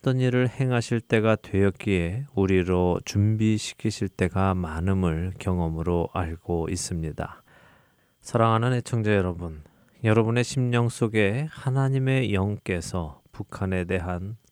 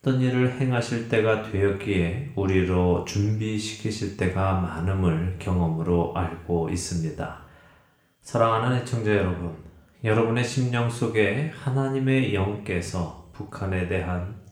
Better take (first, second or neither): first